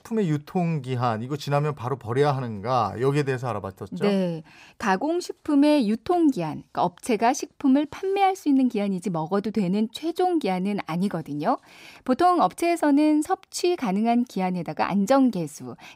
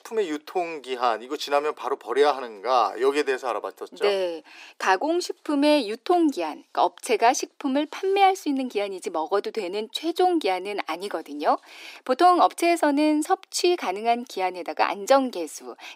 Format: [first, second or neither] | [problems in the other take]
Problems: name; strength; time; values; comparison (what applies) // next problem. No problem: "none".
first | thin; somewhat; fading below 300 Hz